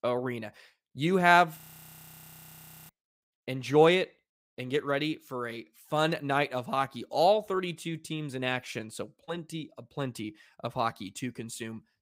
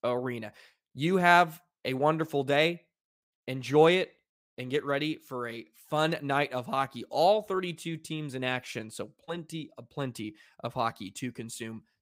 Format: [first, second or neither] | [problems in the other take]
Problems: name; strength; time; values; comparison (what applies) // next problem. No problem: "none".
second | audio freezing; at 1.5 s for 1.5 s